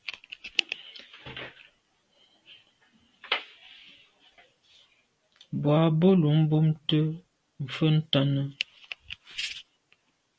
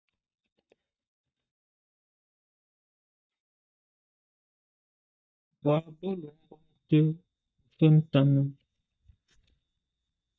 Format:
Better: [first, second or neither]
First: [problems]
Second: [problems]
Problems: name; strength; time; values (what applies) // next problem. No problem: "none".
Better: first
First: none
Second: noise reduction (neural mask model DeepFilterNet 3)